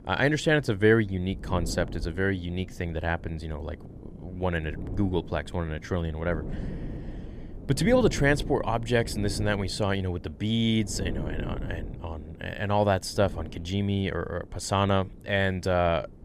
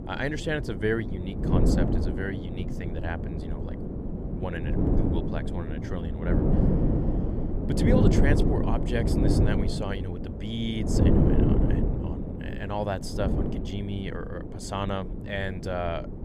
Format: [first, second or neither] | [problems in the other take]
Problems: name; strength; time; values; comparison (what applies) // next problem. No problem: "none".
first | wind noise on the microphone; heavy; 1 dB below the speech; occasional gusts in the first